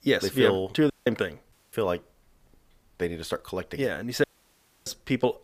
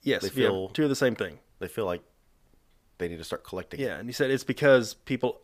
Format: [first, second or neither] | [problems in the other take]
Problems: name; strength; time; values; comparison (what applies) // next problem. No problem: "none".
second | audio cutting out; at 1 s, at 1.5 s and at 4 s for 0.5 s